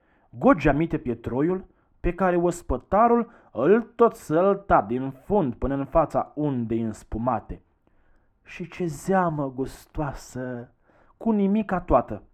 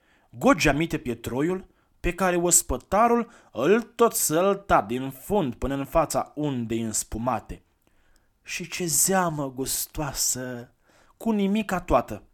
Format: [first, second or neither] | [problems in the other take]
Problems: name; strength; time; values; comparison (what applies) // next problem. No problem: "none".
second | muffled; very; fading above 3 kHz